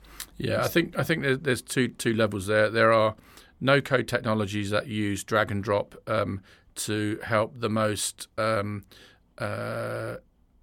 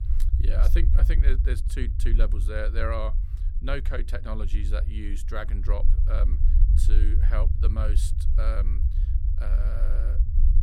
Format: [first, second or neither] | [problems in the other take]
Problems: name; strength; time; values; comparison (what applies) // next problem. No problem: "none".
first | low rumble; loud; throughout; 9 dB below the speech